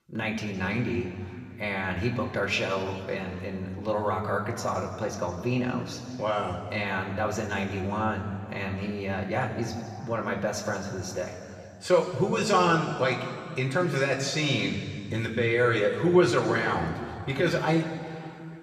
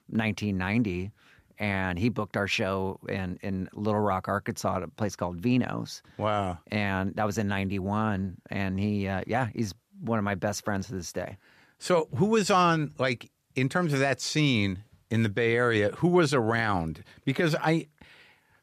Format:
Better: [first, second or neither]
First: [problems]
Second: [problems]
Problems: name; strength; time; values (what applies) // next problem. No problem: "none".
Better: second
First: room echo; noticeable; dies away in 2.3 s // off-mic speech; somewhat distant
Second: none